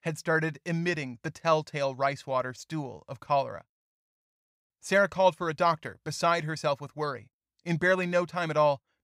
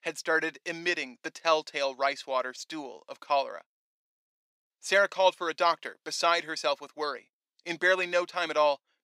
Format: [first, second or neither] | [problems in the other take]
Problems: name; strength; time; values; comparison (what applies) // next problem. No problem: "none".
first | thin; very; fading below 300 Hz